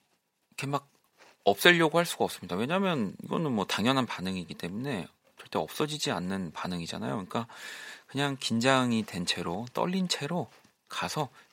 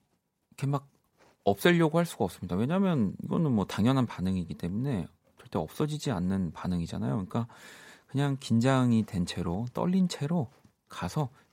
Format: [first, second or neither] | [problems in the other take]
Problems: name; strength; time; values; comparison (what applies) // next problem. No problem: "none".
second | thin; somewhat; fading below 550 Hz